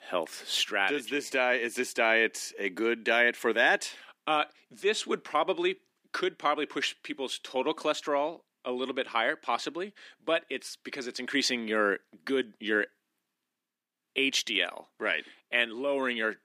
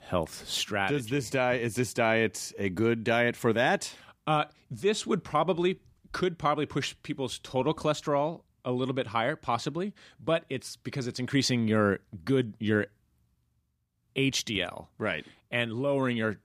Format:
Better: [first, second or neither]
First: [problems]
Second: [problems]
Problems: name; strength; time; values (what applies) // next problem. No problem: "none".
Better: second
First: thin; somewhat; fading below 250 Hz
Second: none